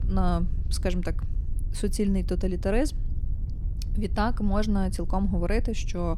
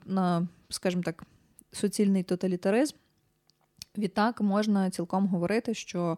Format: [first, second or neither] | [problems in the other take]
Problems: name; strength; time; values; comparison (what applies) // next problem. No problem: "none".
second | wind noise on the microphone; occasional gusts; 20 dB below the speech